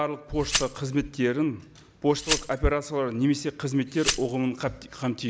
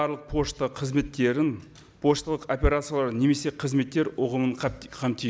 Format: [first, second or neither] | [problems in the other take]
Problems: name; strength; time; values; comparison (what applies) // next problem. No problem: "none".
second | background sound (Glass); 8 dB below the speech